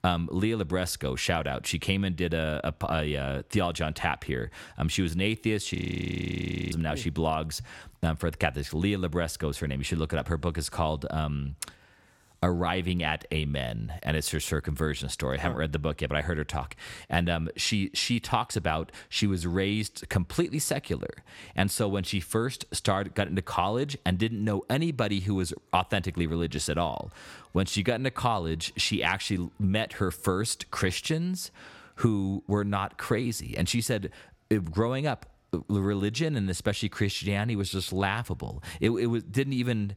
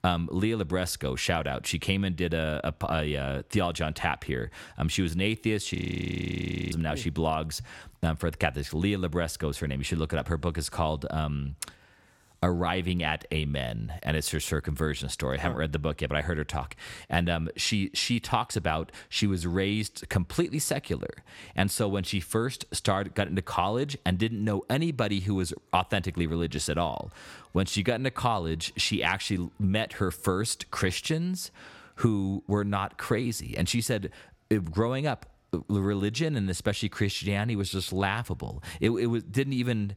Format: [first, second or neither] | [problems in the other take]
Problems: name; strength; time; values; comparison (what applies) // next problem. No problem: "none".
neither | audio freezing; at 6 s for 1 s; the same in both